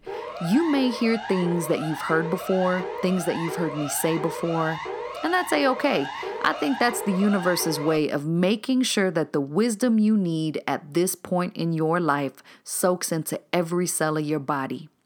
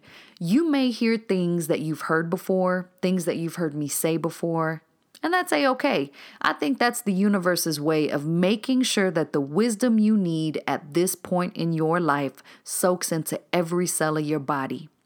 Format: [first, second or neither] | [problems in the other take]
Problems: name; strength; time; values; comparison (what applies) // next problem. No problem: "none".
second | siren; noticeable; until 8 s; peak 8 dB below the speech